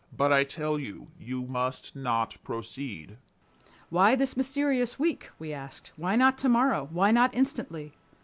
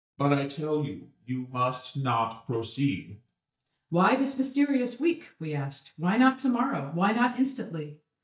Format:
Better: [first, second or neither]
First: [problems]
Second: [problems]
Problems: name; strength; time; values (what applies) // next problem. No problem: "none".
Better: first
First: none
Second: noise reduction (neural mask model DeepFilterNet 3)